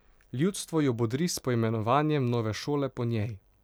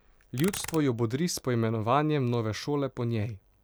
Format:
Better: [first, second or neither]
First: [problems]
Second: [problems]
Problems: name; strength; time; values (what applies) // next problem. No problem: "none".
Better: first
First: none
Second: background sound (Computer keyboard); 15 dB below the speech